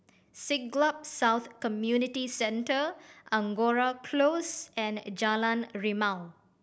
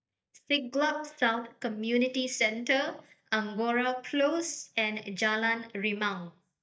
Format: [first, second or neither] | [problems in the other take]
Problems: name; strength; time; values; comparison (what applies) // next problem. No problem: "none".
first | noise reduction (neural mask model DeepFilterNet 3)